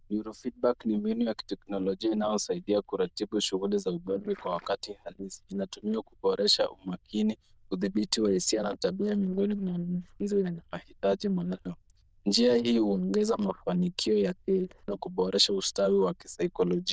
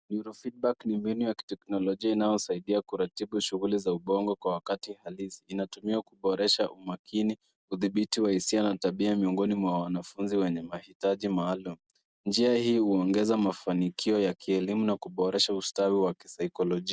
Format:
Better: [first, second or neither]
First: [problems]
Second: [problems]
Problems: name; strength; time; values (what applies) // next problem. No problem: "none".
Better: second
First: noise reduction (neural diffusion model UNIVERSE++)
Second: none